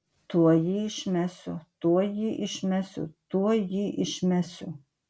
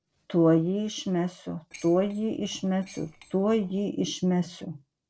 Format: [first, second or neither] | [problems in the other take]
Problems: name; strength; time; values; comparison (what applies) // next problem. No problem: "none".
first | noise reduction (neural separator model SepFormer DNS4)